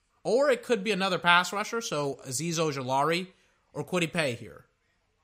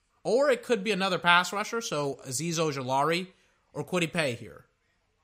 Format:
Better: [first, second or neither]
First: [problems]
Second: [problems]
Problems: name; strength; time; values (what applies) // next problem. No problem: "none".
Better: neither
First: none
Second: none